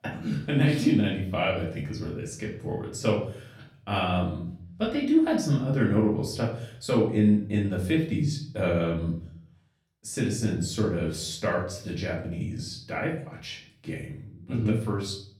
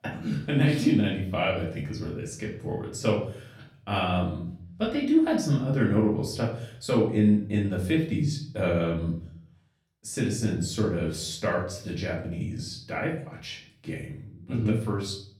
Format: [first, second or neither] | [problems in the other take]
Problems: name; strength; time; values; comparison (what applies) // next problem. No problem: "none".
neither | off-mic speech; far; the same in both // room echo; slight; dies away in 0.5 s; the same in both